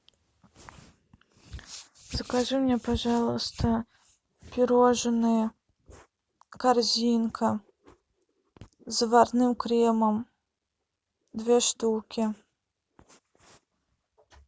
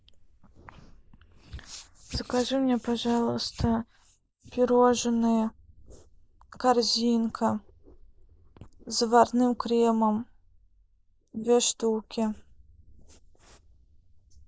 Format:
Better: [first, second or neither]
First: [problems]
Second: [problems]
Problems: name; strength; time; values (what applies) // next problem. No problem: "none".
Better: first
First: none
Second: noise reduction (neural mask model Resemble Enhance denoiser)